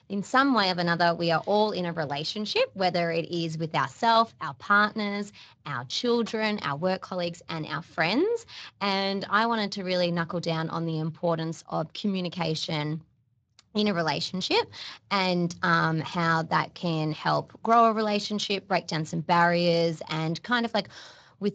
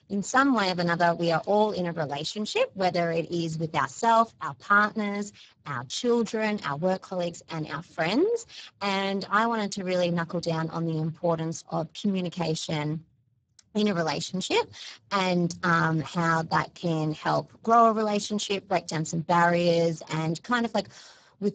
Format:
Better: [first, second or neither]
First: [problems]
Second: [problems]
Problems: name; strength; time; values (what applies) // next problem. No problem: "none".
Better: first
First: garbled, watery; slightly; nothing above 7.5 kHz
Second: garbled, watery; badly; nothing above 7.5 kHz